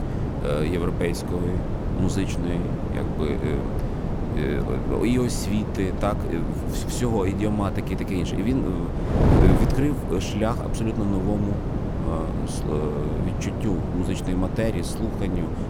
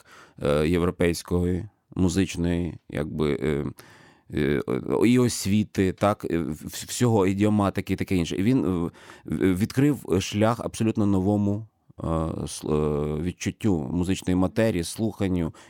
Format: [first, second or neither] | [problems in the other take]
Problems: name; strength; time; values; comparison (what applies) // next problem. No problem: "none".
second | wind noise on the microphone; heavy; 2 dB below the speech